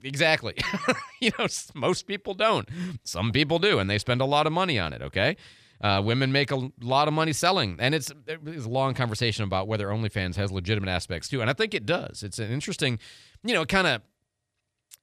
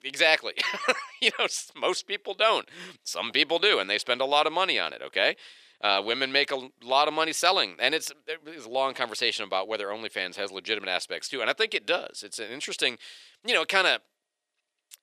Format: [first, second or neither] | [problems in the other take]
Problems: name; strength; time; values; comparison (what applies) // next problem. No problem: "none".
first | thin; very; fading below 400 Hz